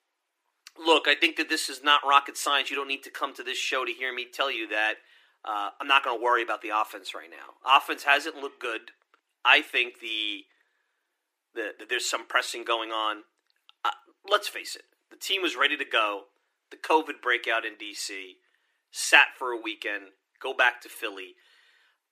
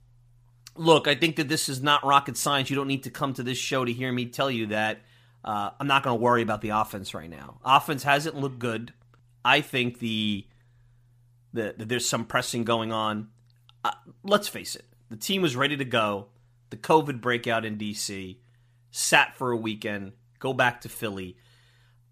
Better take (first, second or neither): second